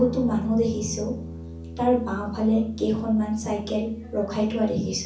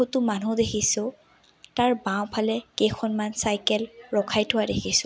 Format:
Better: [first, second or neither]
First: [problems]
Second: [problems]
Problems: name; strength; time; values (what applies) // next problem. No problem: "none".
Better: second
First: background sound (Guitar); 12 dB below the speech // room echo; dies away in 0.6 s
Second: none